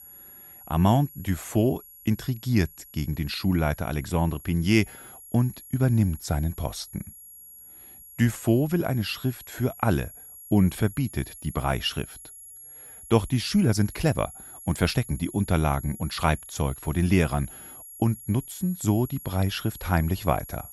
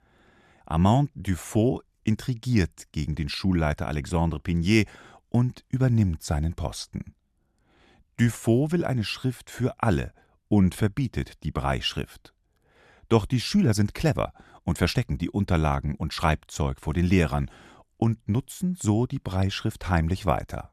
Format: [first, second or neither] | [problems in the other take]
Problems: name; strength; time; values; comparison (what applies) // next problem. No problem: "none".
second | high-pitched whine; noticeable; throughout; 11.5 kHz, 15 dB below the speech